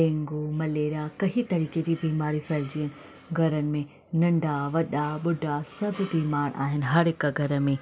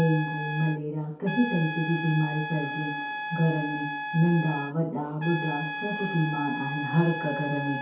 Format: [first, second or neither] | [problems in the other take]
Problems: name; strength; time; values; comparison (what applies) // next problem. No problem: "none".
first | background sound (Trumpet); 7 dB below the speech // room echo; dies away in 0.6 s